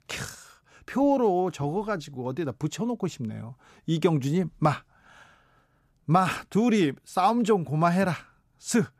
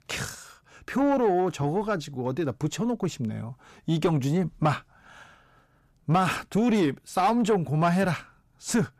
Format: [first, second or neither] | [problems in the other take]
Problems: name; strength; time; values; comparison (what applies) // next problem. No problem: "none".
first | distortion; slight; 10 dB below the speech